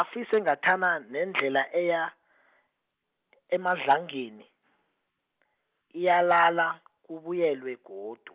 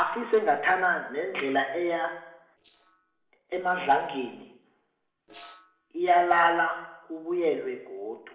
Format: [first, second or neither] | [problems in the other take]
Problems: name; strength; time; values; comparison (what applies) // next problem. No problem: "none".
first | noise reduction (neural separator model SepFormer DNS4)